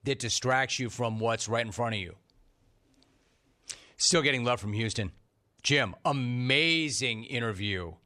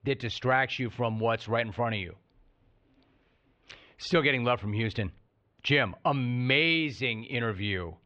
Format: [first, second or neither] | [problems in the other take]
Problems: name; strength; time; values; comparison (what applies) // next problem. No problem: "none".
first | muffled; very; fading above 3.5 kHz